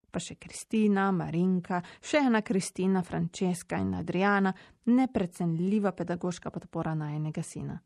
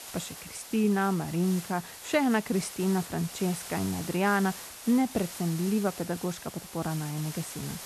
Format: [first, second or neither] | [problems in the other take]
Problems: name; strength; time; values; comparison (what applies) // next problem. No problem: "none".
first | hiss; noticeable; throughout; 10 dB below the speech